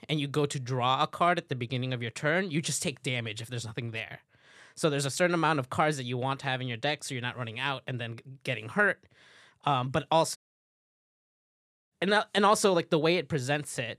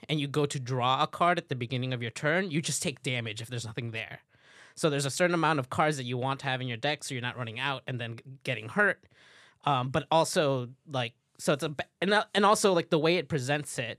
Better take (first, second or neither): second